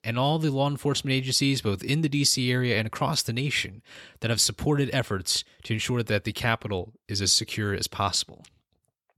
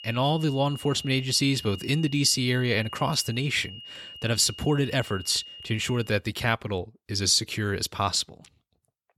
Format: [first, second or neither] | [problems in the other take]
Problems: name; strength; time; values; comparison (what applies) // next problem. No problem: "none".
first | high-pitched whine; noticeable; until 6 s; 3 kHz, 15 dB below the speech